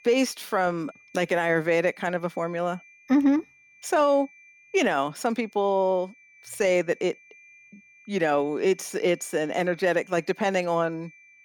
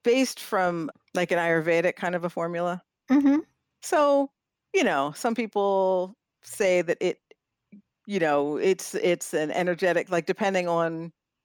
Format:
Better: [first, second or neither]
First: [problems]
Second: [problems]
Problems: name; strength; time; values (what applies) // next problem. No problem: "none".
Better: second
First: high-pitched whine; faint; throughout; 2.5 kHz, 25 dB below the speech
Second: none